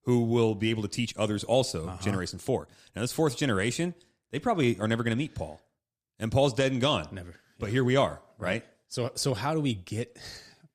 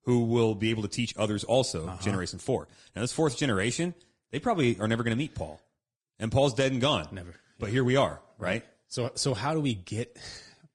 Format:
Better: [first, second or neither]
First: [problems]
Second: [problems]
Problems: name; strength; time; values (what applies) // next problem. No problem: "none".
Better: first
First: none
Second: garbled, watery; slightly